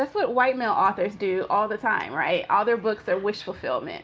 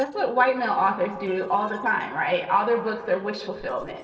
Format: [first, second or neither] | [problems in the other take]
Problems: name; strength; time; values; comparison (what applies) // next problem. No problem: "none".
first | noise reduction (neural separator model SepFormer DNS4)